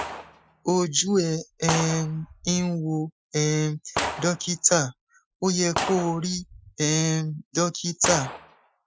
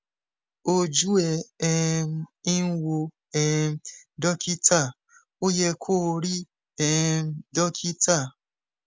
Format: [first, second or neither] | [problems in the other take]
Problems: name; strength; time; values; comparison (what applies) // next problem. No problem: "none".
second | noise reduction (classical method Wiener filter)